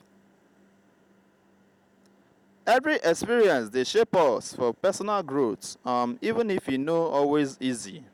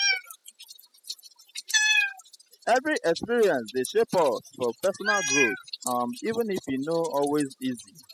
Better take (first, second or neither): first